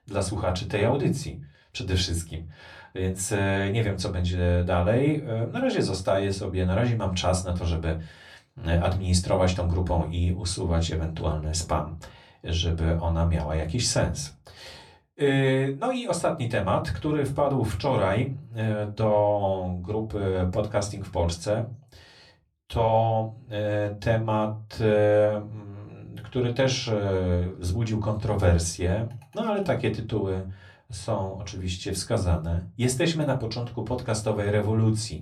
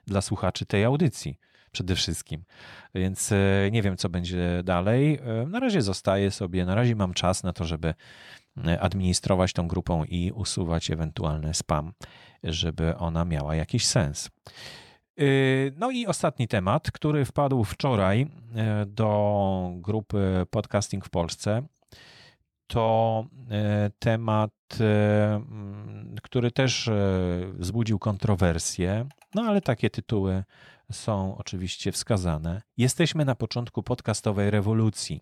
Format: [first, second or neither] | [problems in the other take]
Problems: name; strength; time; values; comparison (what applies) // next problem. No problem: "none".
second | off-mic speech; somewhat distant // room echo; very slight; dies away in 0.2 s